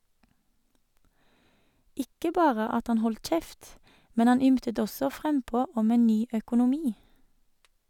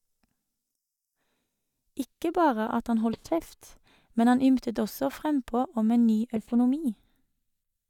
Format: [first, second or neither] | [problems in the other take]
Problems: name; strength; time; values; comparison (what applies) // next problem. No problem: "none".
first | noise reduction (neural mask model DeepFilterNet 3)